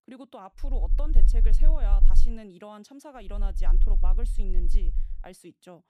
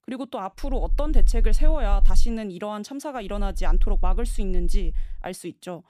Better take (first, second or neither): second